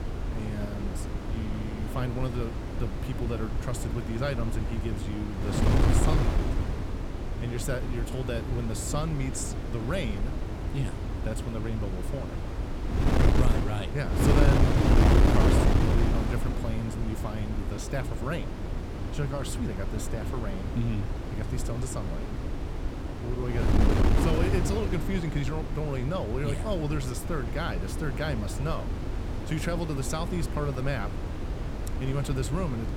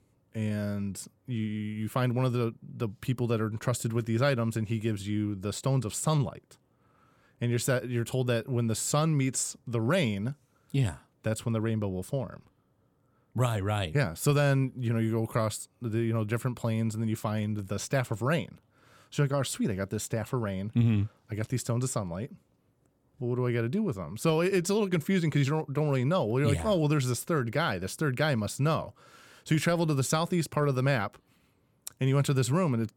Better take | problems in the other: second | wind noise on the microphone; heavy; as loud as the speech

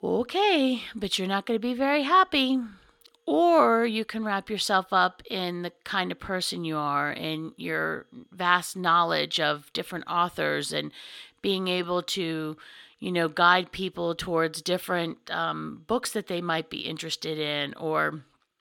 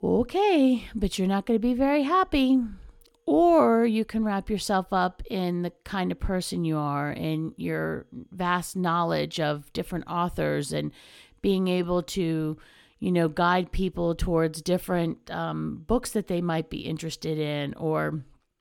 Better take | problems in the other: second | thin; very slightly; fading below 350 Hz

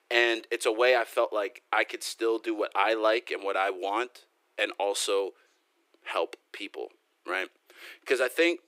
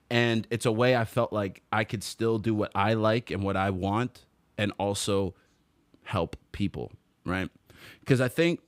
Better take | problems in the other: second | thin; very; fading below 350 Hz

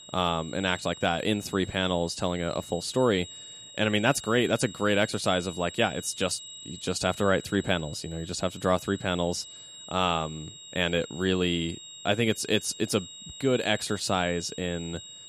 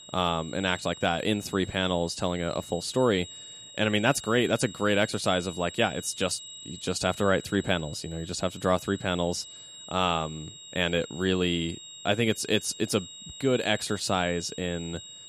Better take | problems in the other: neither | high-pitched whine; noticeable; throughout; 4 kHz, 15 dB below the speech; the same in both

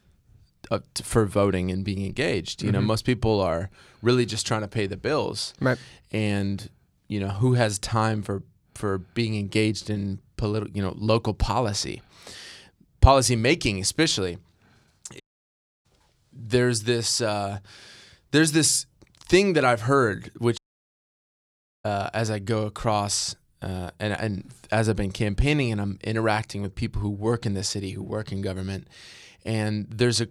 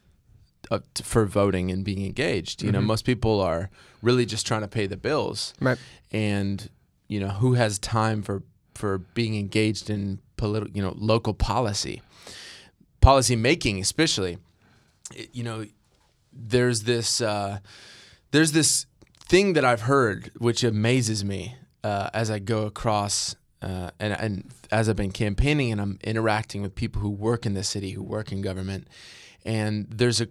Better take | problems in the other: second | audio cutting out; at 15 s for 0.5 s and at 21 s for 1.5 s

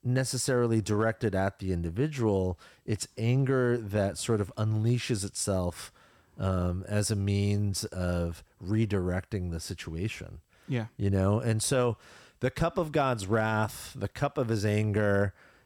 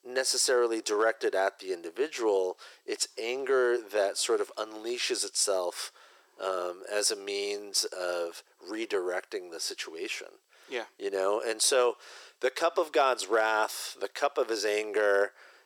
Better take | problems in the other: first | thin; very; fading below 350 Hz

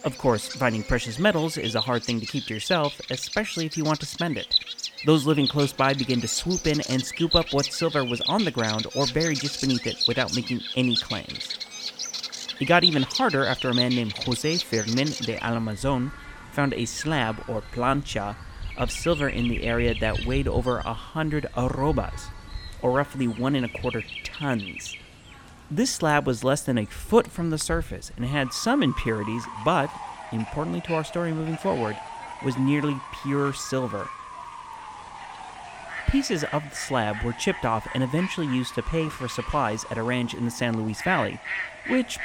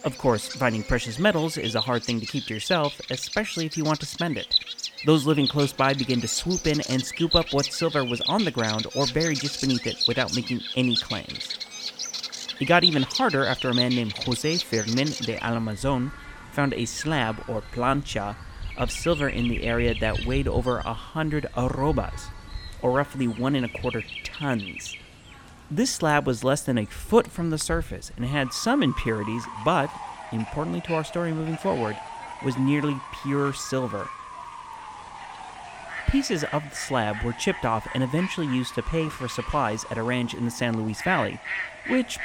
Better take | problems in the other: neither | animal sounds; loud; throughout; 5 dB below the speech; the same in both

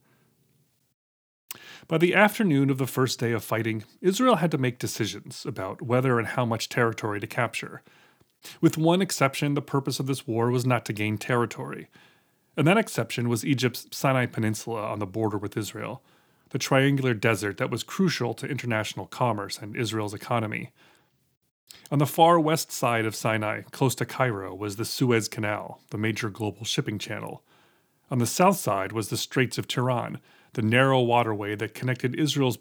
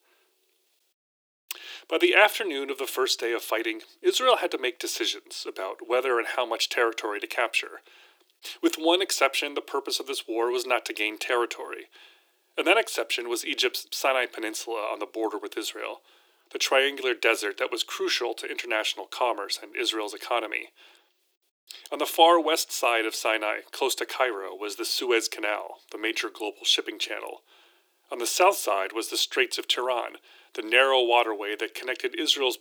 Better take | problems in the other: first | thin; very; fading below 350 Hz

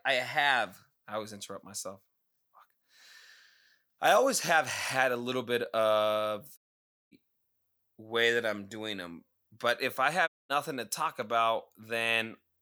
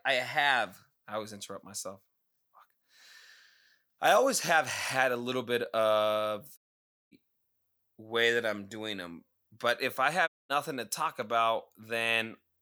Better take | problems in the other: neither | audio cutting out; at 6.5 s for 0.5 s and at 10 s; the same in both

